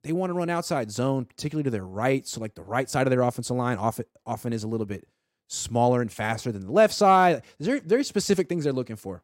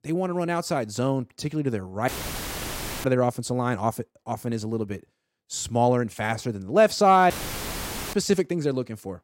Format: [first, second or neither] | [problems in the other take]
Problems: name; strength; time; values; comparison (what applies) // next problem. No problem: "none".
first | audio cutting out; filled with static; at 2 s for 1 s and at 7.5 s for 1 s